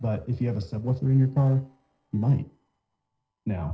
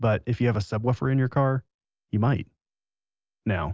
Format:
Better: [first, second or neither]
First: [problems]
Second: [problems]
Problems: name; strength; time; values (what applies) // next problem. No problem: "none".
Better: second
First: noise reduction (neural separator model SepFormer DNS4)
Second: none